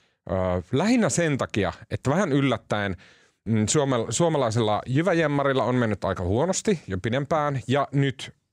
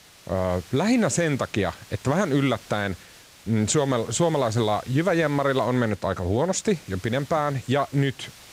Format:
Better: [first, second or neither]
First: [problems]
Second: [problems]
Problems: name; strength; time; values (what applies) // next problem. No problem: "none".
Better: first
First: none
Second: hiss; faint; throughout; 20 dB below the speech